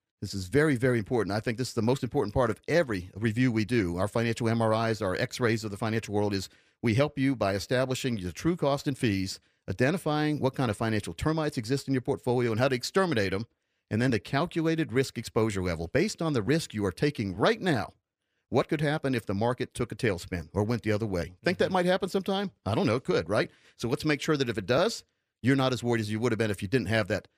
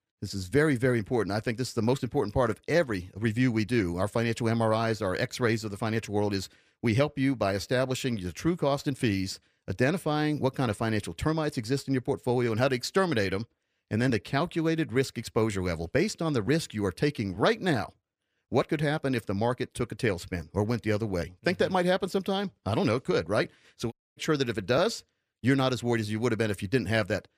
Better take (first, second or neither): first